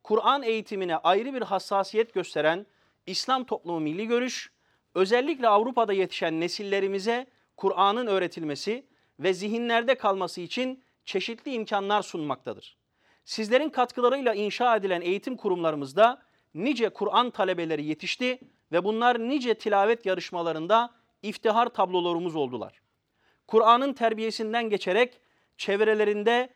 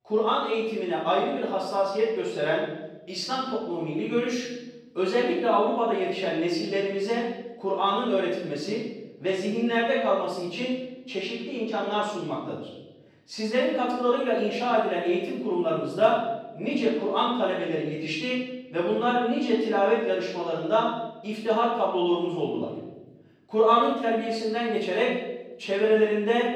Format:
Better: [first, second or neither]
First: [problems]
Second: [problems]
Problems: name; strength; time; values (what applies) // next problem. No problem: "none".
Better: first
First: none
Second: off-mic speech; far // room echo; noticeable; dies away in 1 s